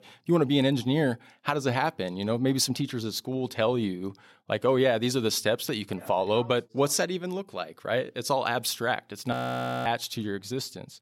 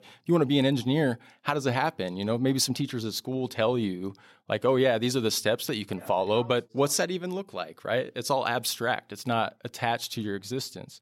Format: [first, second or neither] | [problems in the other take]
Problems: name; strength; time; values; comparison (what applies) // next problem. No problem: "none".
second | audio freezing; at 9.5 s for 0.5 s